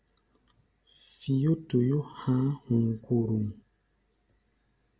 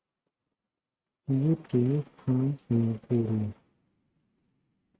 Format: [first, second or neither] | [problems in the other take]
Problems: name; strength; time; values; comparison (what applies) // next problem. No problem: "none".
first | noise reduction (neural mask model RNNoise)